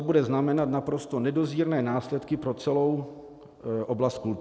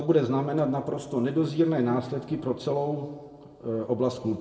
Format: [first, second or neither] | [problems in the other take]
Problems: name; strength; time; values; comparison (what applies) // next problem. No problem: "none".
first | room echo; dies away in 1.4 s